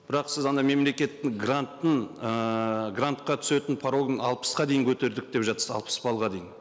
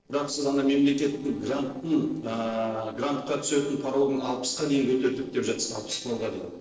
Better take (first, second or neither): first